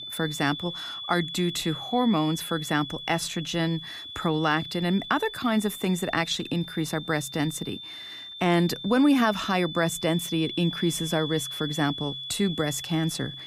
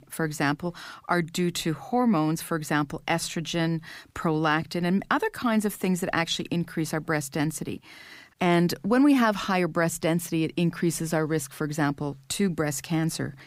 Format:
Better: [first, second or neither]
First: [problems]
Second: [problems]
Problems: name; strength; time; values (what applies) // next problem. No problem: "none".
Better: second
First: high-pitched whine; loud; throughout; 3.5 kHz, 9 dB below the speech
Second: none